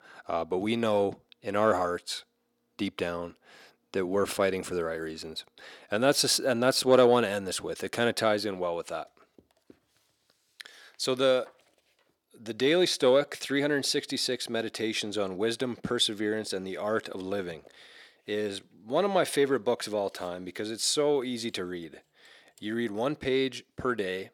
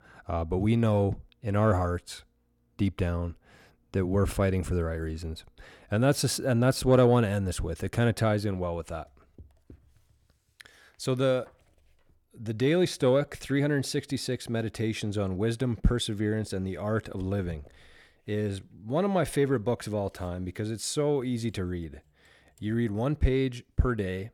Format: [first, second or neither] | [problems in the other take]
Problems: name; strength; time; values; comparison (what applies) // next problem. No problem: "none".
second | thin; somewhat; fading below 300 Hz